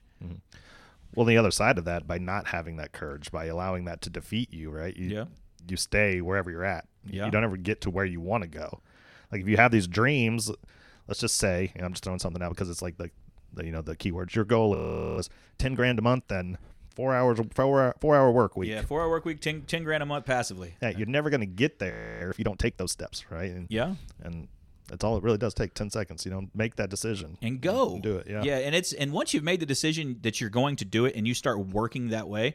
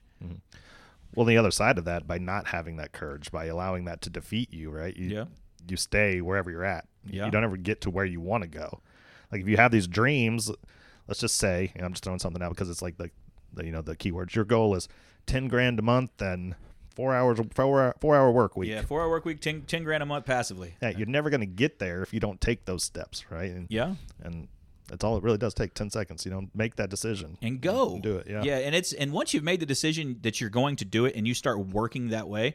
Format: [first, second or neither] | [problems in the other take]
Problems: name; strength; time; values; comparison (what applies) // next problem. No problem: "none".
second | audio freezing; at 15 s and at 22 s